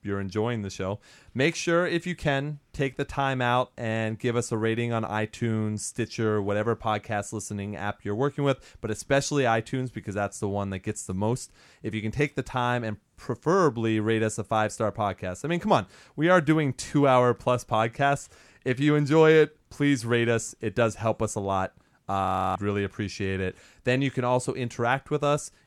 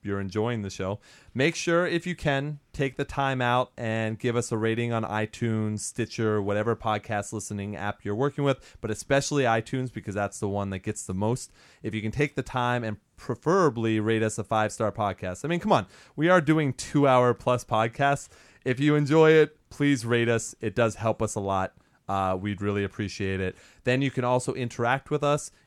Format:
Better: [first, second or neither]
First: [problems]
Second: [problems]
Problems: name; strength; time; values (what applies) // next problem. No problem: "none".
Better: second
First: audio freezing; at 22 s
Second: none